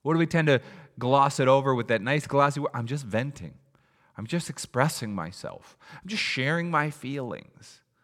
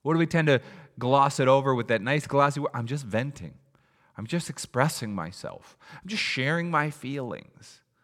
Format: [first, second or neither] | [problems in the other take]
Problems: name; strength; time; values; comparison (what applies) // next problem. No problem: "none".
neither | none